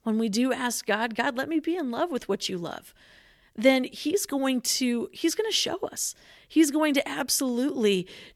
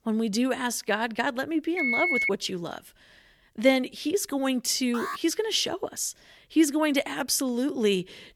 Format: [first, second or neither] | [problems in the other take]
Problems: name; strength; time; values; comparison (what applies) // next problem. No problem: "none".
first | phone ringing; loud; at 2 s; peak 3 dB above the speech // alarm; noticeable; at 5 s; peak 8 dB below the speech